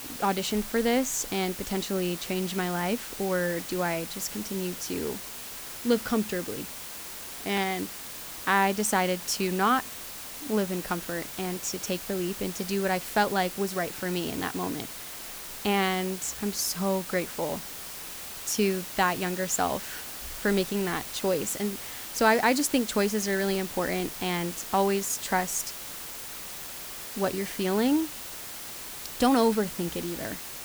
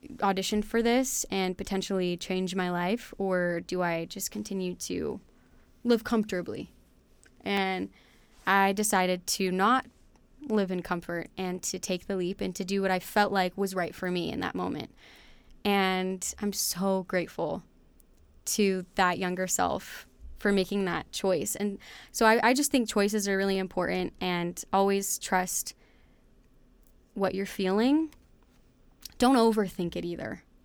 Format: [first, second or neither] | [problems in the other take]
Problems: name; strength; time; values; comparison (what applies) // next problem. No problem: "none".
second | hiss; loud; throughout; 8 dB below the speech